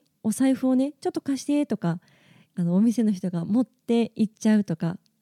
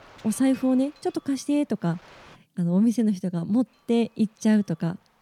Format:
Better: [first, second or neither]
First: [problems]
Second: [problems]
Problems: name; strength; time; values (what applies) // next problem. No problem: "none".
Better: first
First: none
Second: wind noise on the microphone; occasional gusts; until 2.5 s and from 3.5 s on; 20 dB below the speech